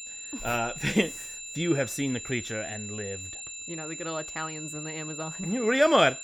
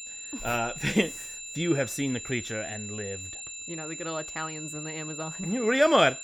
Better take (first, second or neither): neither